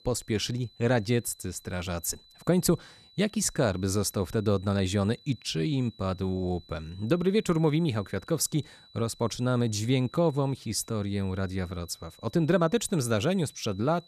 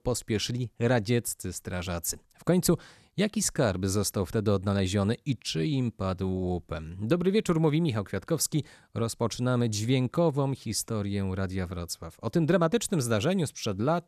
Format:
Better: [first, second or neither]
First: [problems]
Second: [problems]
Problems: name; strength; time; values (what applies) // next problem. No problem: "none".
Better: second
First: high-pitched whine; faint; throughout; 4 kHz, 25 dB below the speech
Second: none